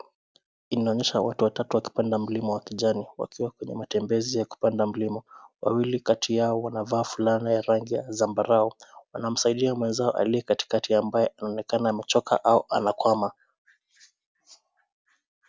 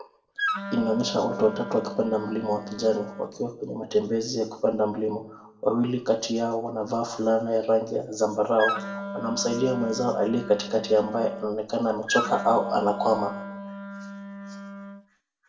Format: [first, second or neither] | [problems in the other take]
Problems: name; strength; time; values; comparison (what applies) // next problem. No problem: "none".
first | background sound (Wind instrument, woodwind instrument); 8 dB below the speech // room echo; dies away in 0.6 s